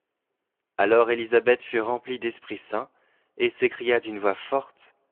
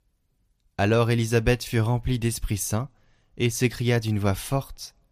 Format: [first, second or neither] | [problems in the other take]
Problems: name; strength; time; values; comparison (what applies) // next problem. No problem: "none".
second | phone-call audio